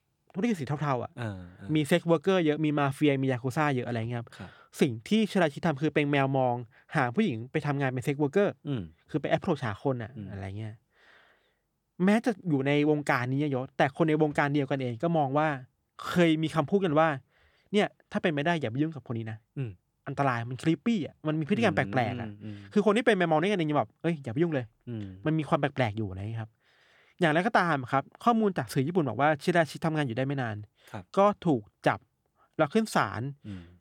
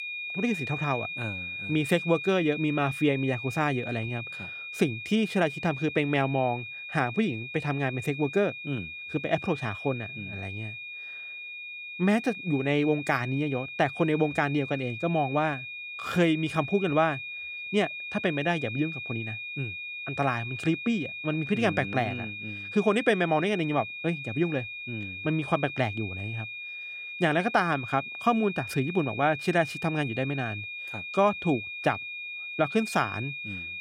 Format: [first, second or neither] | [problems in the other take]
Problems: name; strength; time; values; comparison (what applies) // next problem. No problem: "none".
first | high-pitched whine; loud; throughout; 2.5 kHz, 7 dB below the speech